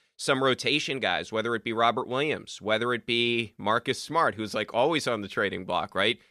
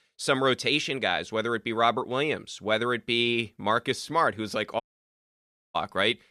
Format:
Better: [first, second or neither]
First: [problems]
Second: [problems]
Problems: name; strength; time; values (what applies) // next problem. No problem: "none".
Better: first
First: none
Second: audio cutting out; at 5 s for 1 s